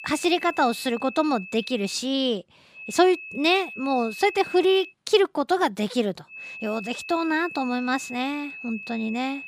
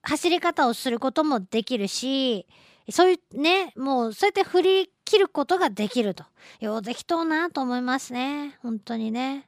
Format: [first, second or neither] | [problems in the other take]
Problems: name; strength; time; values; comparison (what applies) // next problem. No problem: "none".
second | high-pitched whine; noticeable; until 2 s, from 3 to 5 s and from 6.5 s on; 2.5 kHz, 10 dB below the speech